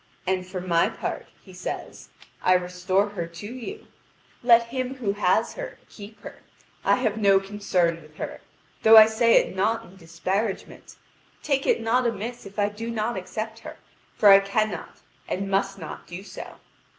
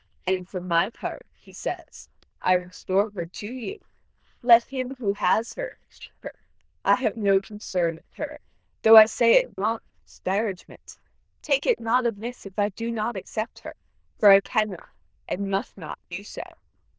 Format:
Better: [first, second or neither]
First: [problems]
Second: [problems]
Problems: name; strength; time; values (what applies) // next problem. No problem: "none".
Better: first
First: none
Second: noise reduction (neural diffusion model UNIVERSE++)